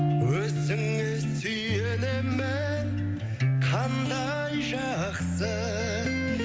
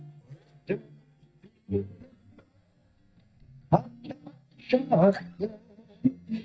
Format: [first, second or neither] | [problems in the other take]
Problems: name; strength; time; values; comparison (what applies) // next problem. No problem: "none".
first | noise reduction (neural mask model DeepFilterNet 3)